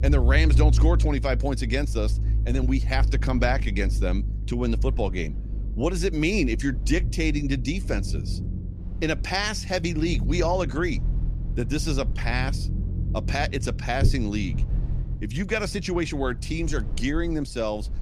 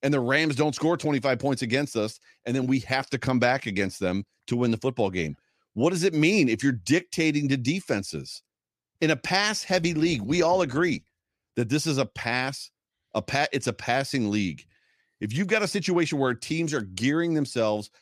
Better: second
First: low rumble; noticeable; throughout; 15 dB below the speech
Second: none

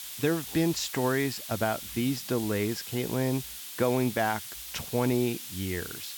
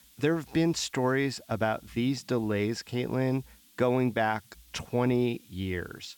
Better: second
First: hiss; loud; throughout; 8 dB below the speech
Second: hiss; faint; throughout; 25 dB below the speech

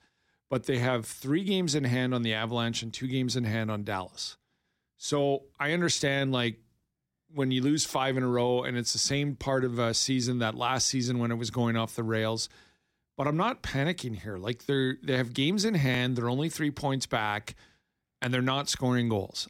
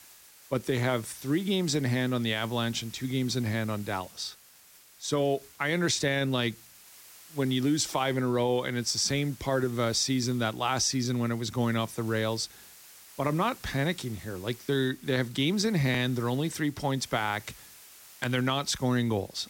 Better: first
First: none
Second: hiss; faint; throughout; 20 dB below the speech

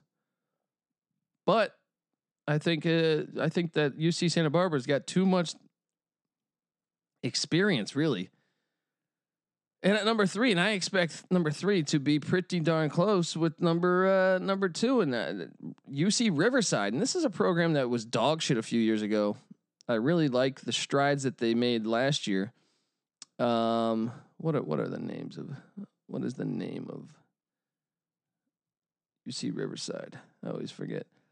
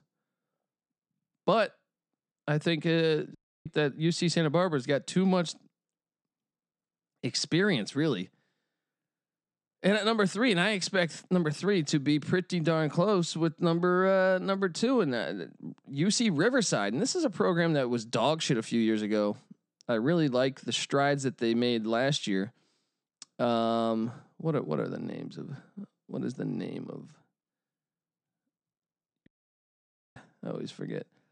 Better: first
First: none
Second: audio cutting out; at 3.5 s and at 29 s for 1 s

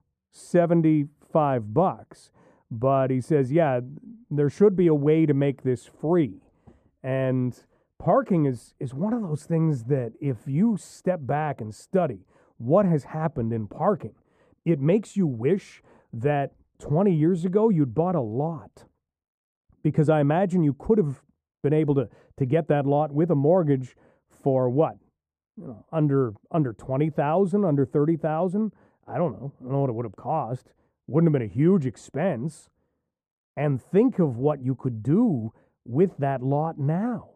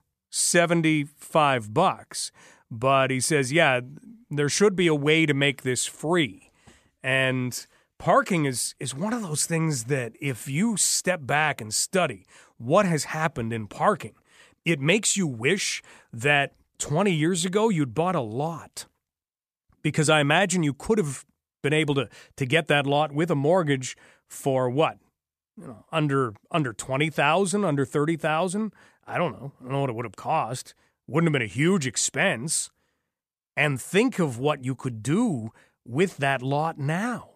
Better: second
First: muffled; very; fading above 1.5 kHz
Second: none

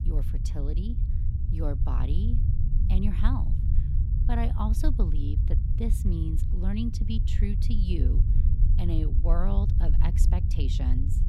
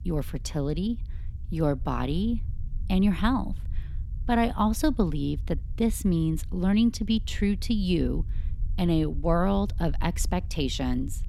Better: second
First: low rumble; loud; throughout; 5 dB below the speech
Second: low rumble; faint; throughout; 25 dB below the speech

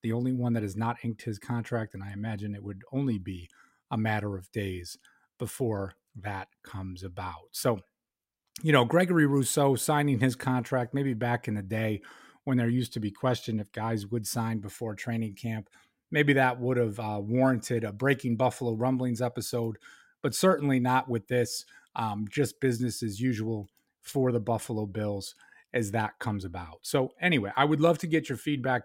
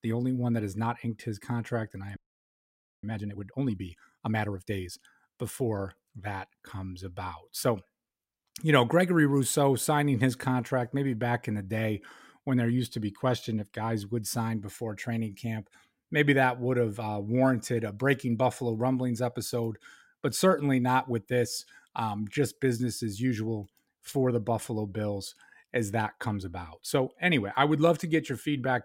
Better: first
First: none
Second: audio freezing; at 2 s for 1 s

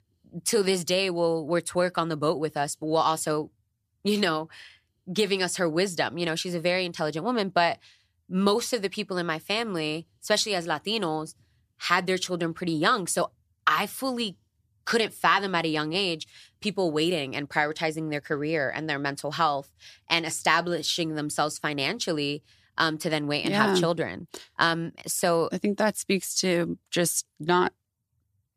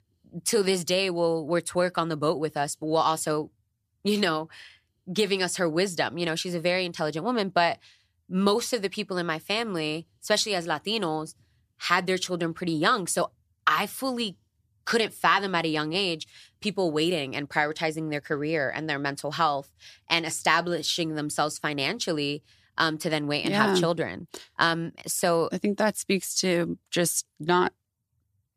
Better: neither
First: none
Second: none

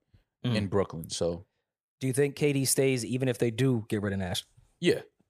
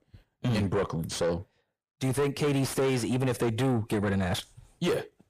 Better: first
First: none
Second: distortion; heavy; 6 dB below the speech

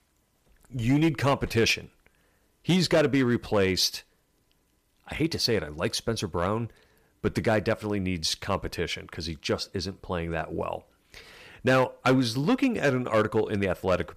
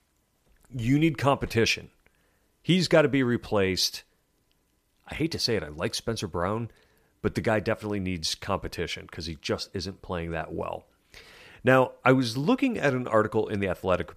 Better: second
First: distortion; slight; 3% of the sound clipped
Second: none

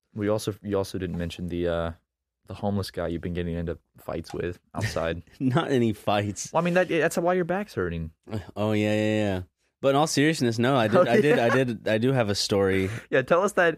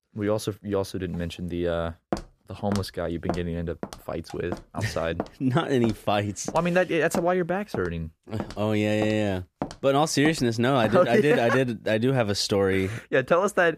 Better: first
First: none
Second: footsteps; noticeable; from 2 to 11 s; peak 9 dB below the speech

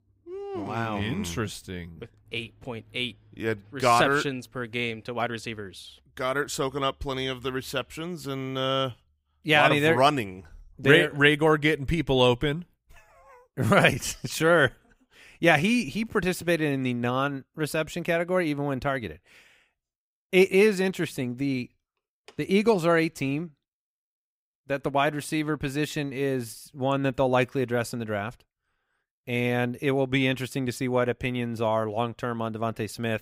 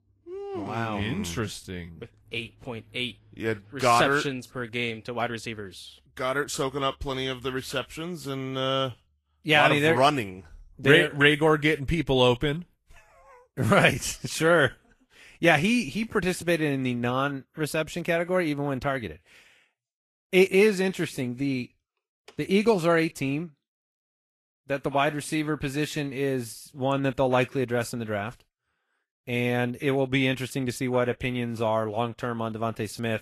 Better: first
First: none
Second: garbled, watery; slightly; nothing above 12.5 kHz

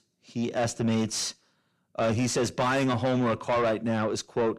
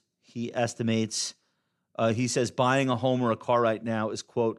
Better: second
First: distortion; heavy; 8 dB below the speech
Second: none

